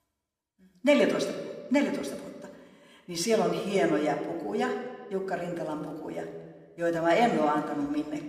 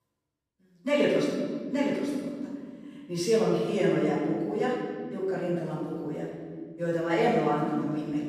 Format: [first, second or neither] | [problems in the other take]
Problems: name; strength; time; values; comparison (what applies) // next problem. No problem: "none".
first | room echo; strong; dies away in 2.6 s; slight in the first // off-mic speech; far